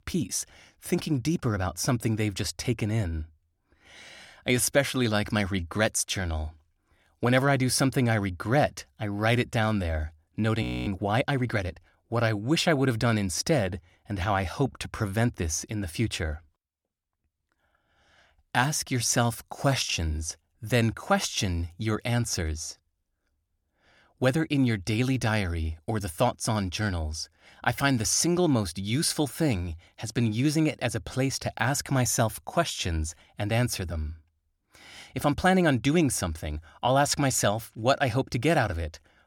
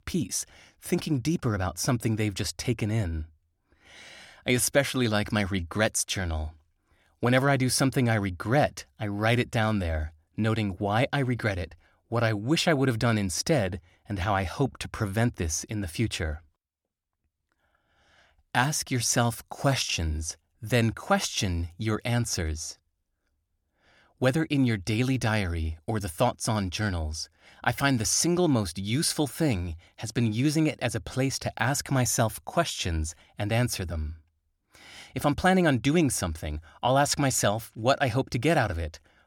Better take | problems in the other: second | audio freezing; at 11 s

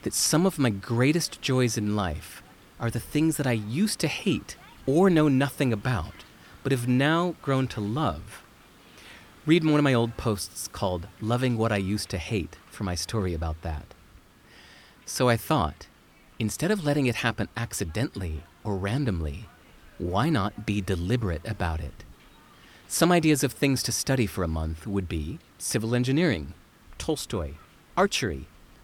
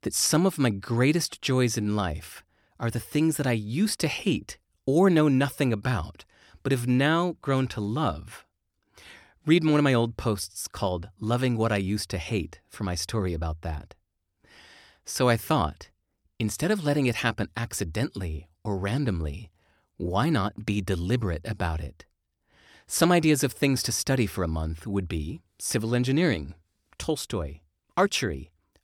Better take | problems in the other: second | hiss; faint; throughout; 25 dB below the speech

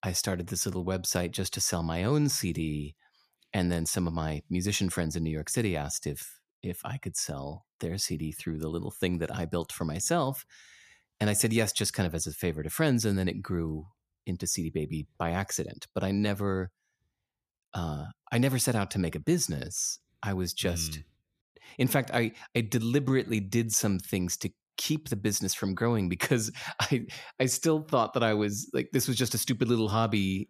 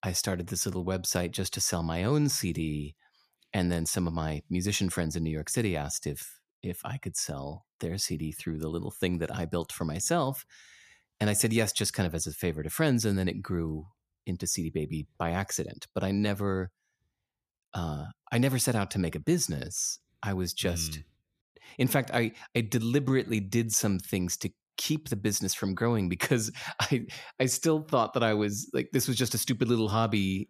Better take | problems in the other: neither | none

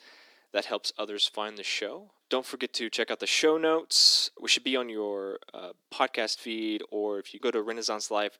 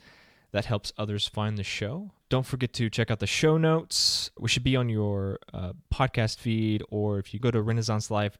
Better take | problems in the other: second | thin; very; fading below 300 Hz

